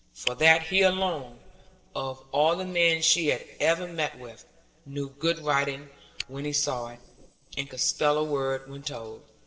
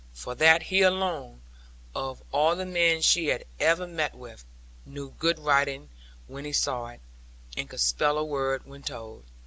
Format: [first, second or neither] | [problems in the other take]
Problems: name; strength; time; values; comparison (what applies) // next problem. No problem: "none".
second | noise reduction (neural separator model SepFormer DNS4)